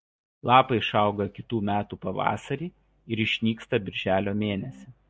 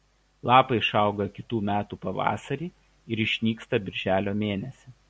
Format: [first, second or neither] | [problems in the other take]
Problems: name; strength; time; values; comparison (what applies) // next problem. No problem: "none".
second | noise reduction (neural mask model DeepFilterNet 3)